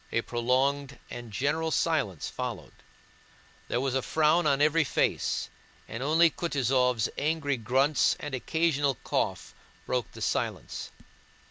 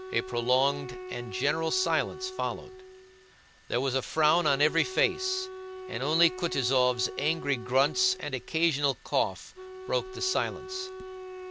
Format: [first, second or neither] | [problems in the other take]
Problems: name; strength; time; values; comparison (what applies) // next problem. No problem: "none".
first | background sound (Wind instrument, woodwind instrument); 12 dB below the speech